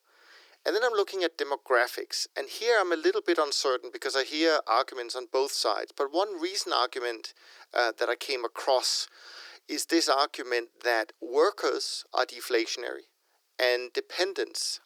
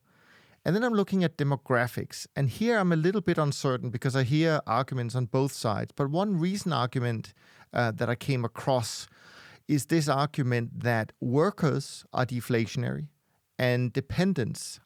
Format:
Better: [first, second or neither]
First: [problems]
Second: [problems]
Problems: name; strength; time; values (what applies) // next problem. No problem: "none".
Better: second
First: thin; very; fading below 350 Hz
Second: none